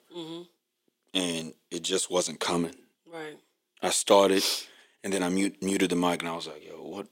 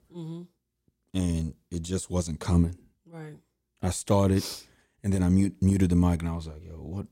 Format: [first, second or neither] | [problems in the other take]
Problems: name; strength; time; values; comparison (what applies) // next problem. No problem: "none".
second | thin; somewhat; fading below 350 Hz